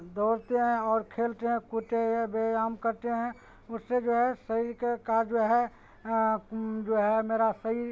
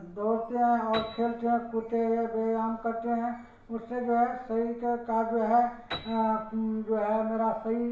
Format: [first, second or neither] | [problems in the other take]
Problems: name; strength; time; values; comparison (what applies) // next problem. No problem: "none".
first | background sound (Piano); 20 dB below the speech // room echo; dies away in 0.7 s